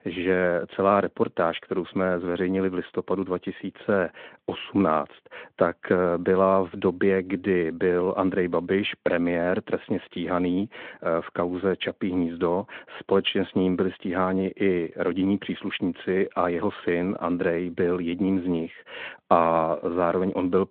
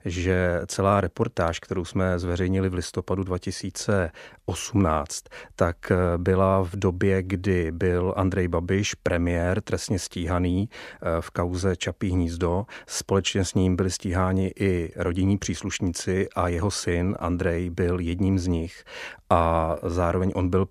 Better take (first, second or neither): second